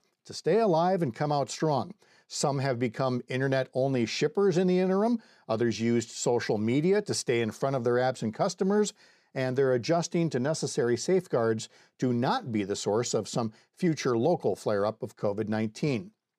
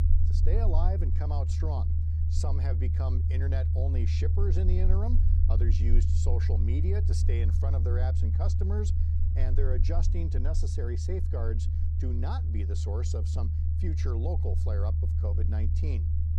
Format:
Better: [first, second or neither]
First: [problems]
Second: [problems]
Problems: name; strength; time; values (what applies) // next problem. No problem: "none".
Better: first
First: none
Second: low rumble; loud; throughout; 3 dB below the speech